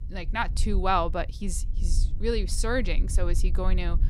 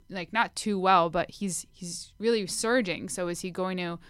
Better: second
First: low rumble; faint; throughout; 20 dB below the speech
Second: none

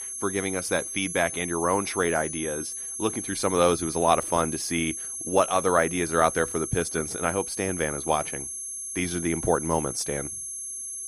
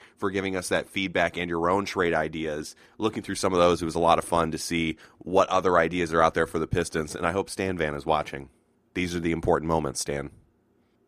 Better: second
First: high-pitched whine; loud; throughout; 11 kHz, 5 dB below the speech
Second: none

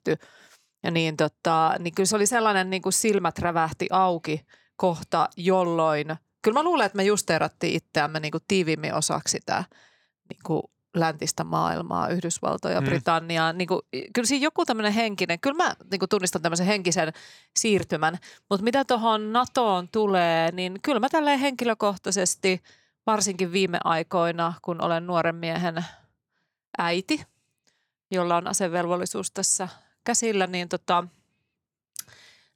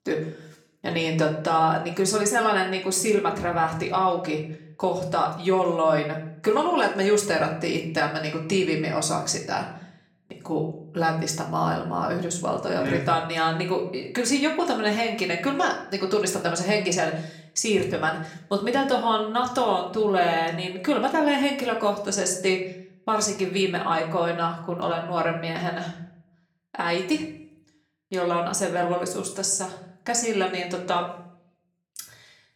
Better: first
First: none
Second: room echo; slight; dies away in 0.5 s // off-mic speech; somewhat distant

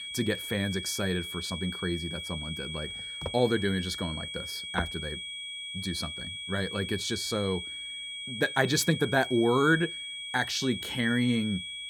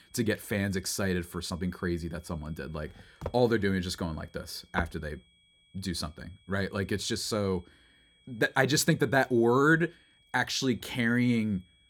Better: second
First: high-pitched whine; loud; throughout; 3.5 kHz, 6 dB below the speech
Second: high-pitched whine; faint; throughout; 3.5 kHz, 35 dB below the speech

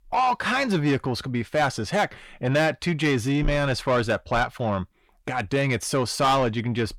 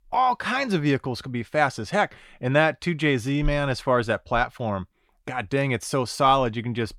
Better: second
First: distortion; slight; 10 dB below the speech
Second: none

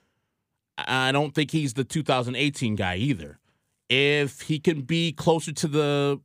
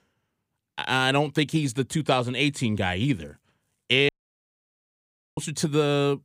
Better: first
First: none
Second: audio cutting out; at 4 s for 1.5 s

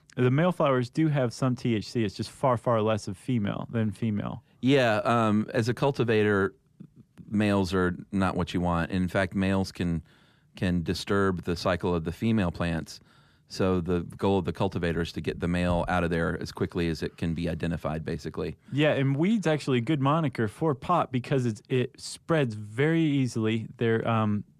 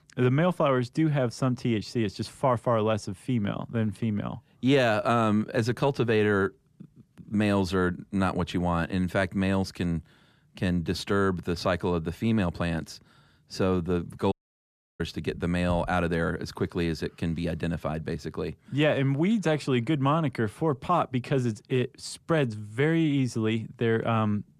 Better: first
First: none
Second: audio cutting out; at 14 s for 0.5 s

